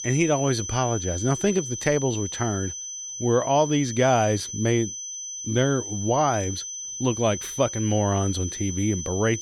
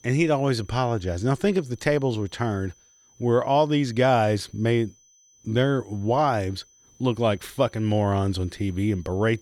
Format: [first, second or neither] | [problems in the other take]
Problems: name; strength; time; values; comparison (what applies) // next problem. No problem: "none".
second | high-pitched whine; loud; throughout; 6 kHz, 7 dB below the speech; faint in the second